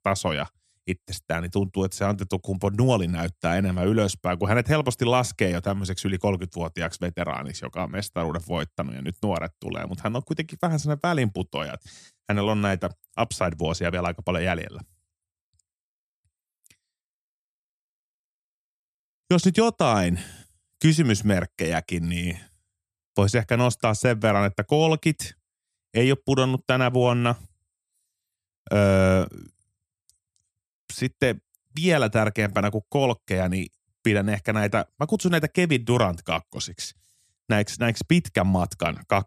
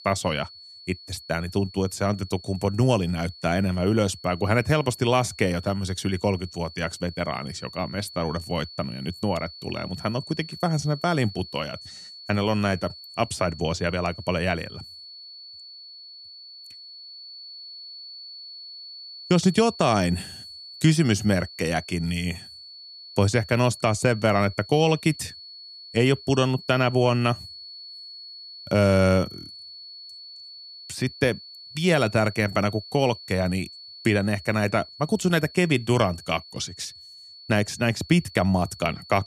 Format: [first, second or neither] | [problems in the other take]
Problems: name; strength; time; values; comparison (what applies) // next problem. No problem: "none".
first | high-pitched whine; noticeable; throughout; 4.5 kHz, 15 dB below the speech